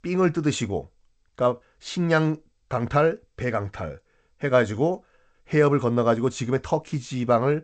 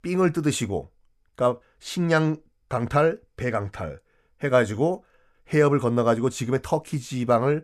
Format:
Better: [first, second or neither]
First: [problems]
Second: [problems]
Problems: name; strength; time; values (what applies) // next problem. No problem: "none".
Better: second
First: garbled, watery; slightly; nothing above 8 kHz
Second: none